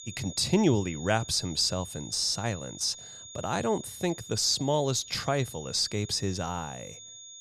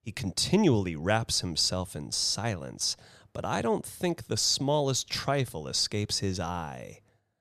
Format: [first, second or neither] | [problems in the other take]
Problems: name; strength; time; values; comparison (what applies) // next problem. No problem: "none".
second | high-pitched whine; noticeable; throughout; 6.5 kHz, 15 dB below the speech